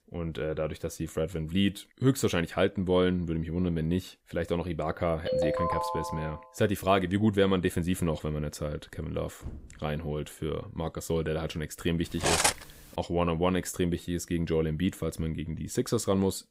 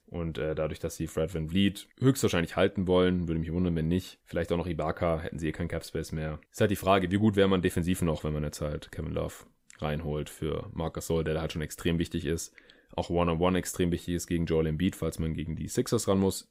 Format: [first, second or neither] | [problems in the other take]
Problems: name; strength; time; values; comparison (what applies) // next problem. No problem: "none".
second | phone ringing; loud; from 5.5 to 6.5 s; peak 2 dB above the speech // door banging; faint; at 9.5 s; peak 15 dB below the speech // clattering dishes; loud; at 12 s; peak 6 dB above the speech